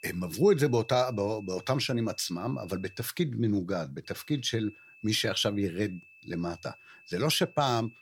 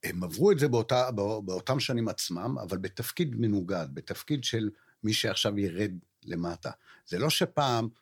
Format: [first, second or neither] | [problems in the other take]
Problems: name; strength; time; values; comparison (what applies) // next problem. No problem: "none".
second | high-pitched whine; faint; until 3 s and from 4 s on; 2.5 kHz, 25 dB below the speech